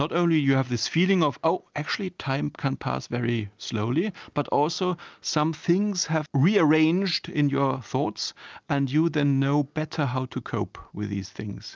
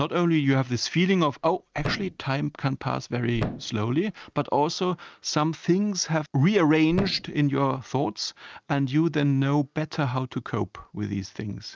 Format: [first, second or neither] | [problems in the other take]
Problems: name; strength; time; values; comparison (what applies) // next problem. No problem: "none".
first | noise reduction (neural mask model RNNoise)